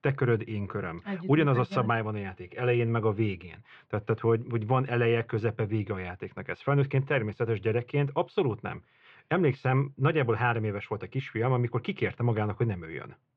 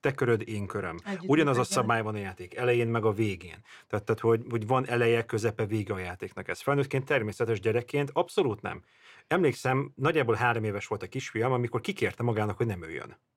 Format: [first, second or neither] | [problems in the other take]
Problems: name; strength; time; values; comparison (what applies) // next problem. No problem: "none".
second | muffled; very; fading above 3.5 kHz